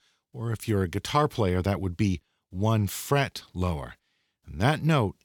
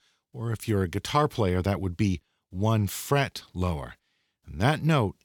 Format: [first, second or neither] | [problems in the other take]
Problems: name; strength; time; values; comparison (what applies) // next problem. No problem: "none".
neither | none